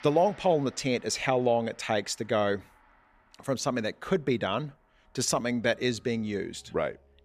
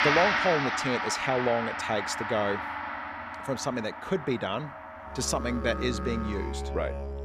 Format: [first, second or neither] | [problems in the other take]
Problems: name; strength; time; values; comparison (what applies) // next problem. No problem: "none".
first | background music; loud; throughout; 2 dB below the speech; faint in the first